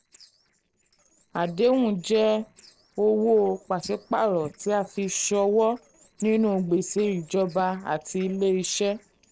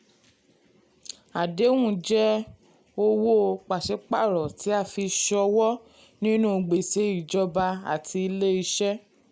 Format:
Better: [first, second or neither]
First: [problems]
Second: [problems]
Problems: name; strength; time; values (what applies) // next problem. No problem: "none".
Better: second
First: noise reduction (neural separator model SepFormer DNS4)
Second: none